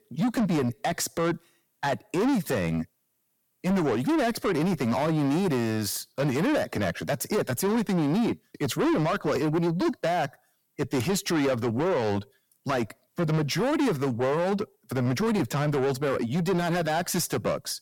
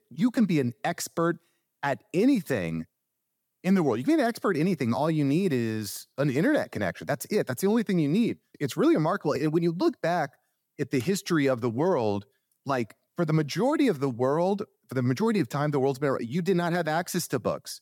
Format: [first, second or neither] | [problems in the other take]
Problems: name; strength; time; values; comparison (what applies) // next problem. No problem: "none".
second | distortion; heavy; 8 dB below the speech